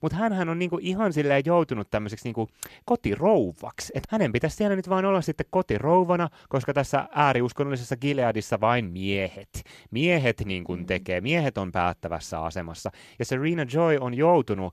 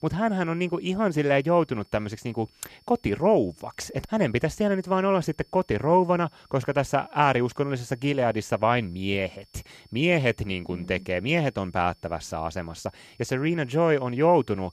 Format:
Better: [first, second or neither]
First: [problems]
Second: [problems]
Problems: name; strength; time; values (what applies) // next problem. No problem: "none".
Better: first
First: none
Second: high-pitched whine; faint; throughout; 5.5 kHz, 35 dB below the speech